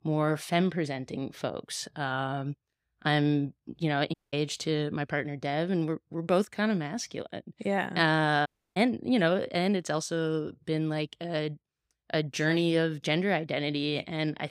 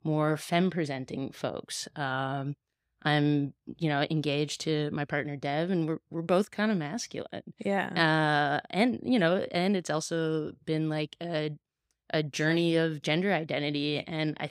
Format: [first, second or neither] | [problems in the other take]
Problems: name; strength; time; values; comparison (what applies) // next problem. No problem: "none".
second | audio cutting out; at 4 s and at 8.5 s